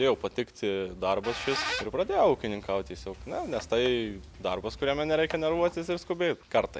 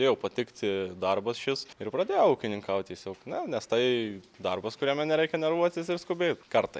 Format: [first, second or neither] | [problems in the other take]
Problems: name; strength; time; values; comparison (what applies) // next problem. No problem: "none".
second | background sound (Squeak); 13 dB below the speech